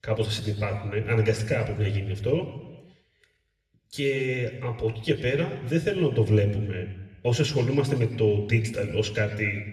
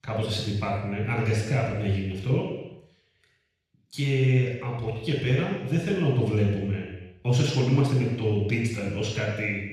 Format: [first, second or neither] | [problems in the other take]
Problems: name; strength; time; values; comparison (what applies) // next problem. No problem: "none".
first | room echo; strong; dies away in 0.9 s; slight in the first // off-mic speech; far; somewhat distant in the first